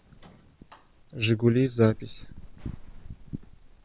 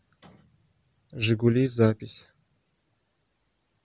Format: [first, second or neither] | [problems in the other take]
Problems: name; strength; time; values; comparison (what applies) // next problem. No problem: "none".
second | background sound (Fire); 14 dB below the speech